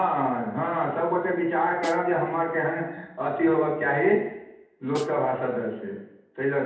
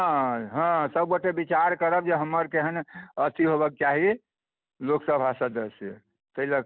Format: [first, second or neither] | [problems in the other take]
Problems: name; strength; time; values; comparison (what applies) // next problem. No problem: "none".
second | background sound (Snare drum); 17 dB below the speech // room echo; dies away in 0.8 s